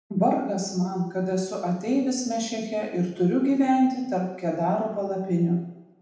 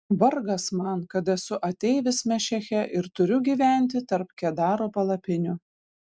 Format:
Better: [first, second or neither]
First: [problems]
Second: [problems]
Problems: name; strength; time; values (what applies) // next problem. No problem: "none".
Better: second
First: room echo; dies away in 0.8 s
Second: none